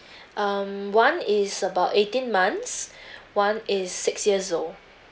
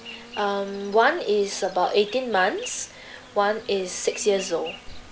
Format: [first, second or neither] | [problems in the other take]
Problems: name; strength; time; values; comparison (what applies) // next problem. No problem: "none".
first | background sound (Insect); 17 dB below the speech